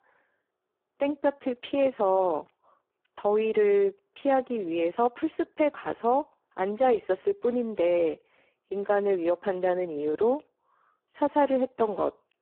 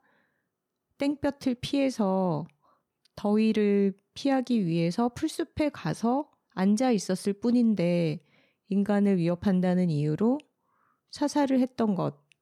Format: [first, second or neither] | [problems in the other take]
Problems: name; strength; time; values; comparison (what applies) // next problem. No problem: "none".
second | phone-call audio; poor line